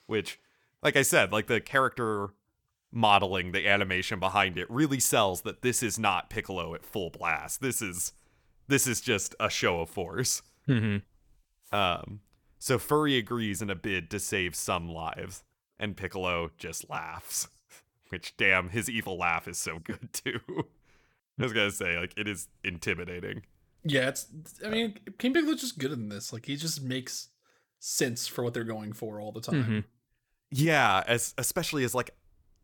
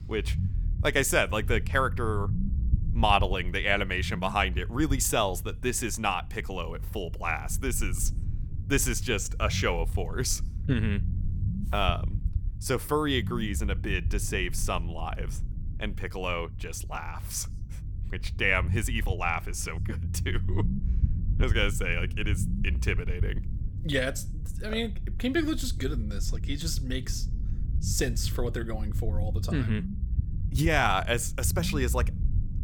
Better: first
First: none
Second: low rumble; noticeable; throughout; 20 dB below the speech

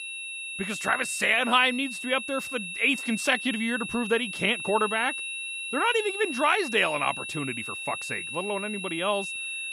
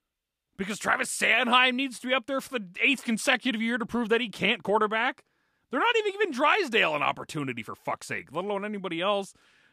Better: second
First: high-pitched whine; loud; throughout; 2.5 kHz, 6 dB below the speech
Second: none

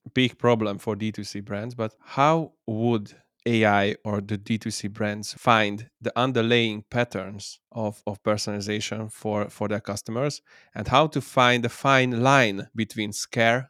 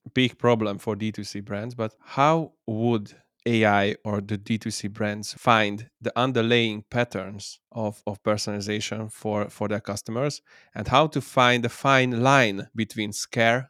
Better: neither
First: none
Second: none

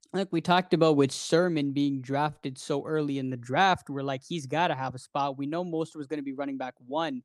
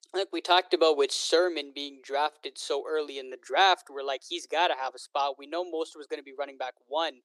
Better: first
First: none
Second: thin; very; fading below 350 Hz

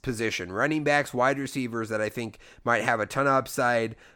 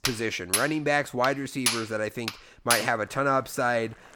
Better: first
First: none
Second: household noises; very faint; throughout; 2 dB below the speech

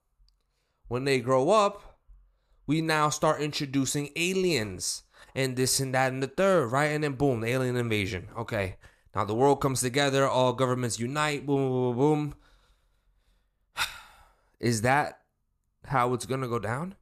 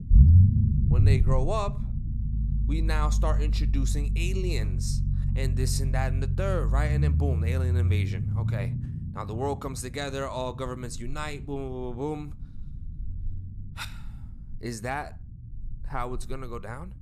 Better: first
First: none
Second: low rumble; loud; throughout; 6 dB below the speech

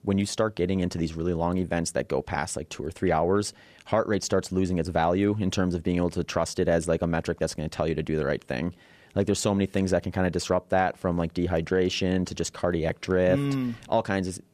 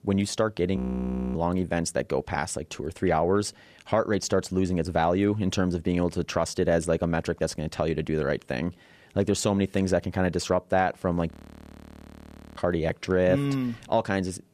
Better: first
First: none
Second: audio freezing; at 1 s for 0.5 s and at 11 s for 1.5 s

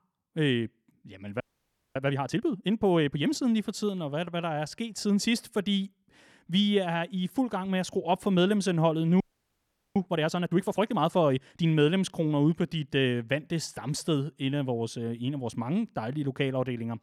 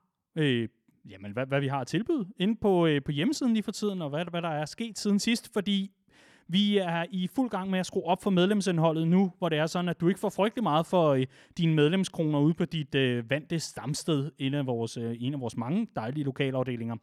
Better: second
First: audio freezing; at 1.5 s for 0.5 s and at 9 s for 1 s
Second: none

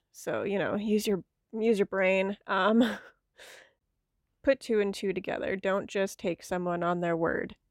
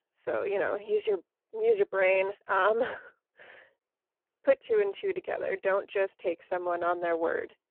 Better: first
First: none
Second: phone-call audio; poor line

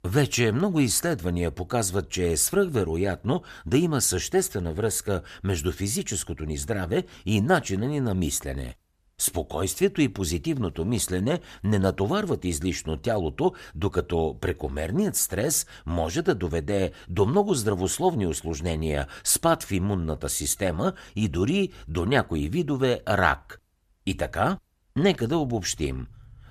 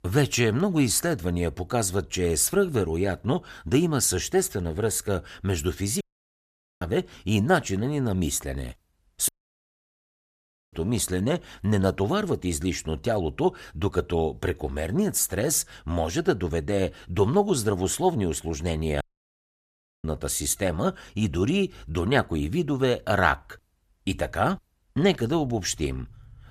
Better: first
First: none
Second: audio cutting out; at 6 s for 1 s, at 9.5 s for 1.5 s and at 19 s for 1 s

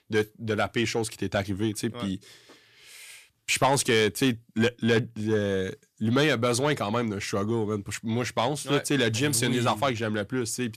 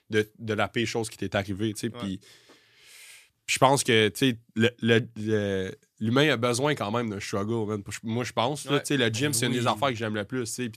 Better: second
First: distortion; slight; 10 dB below the speech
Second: none

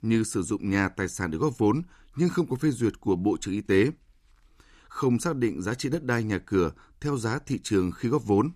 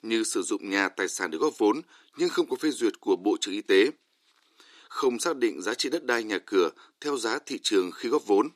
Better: first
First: none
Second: thin; somewhat; fading below 350 Hz

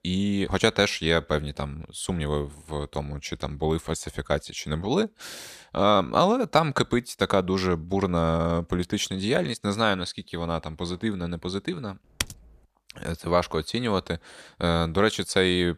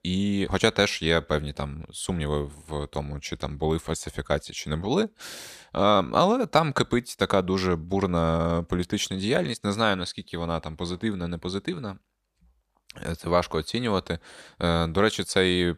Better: second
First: keyboard typing; noticeable; at 12 s; peak 5 dB below the speech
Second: none

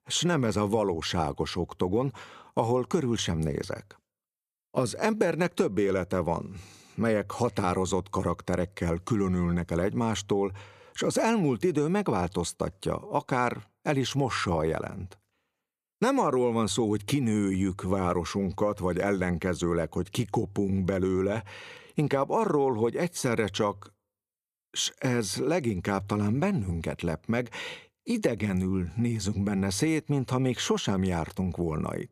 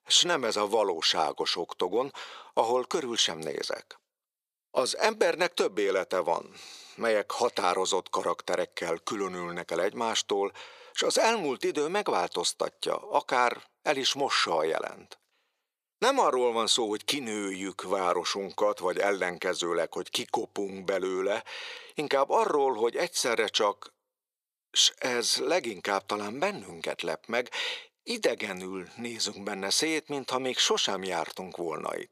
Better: first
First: none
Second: thin; very; fading below 550 Hz

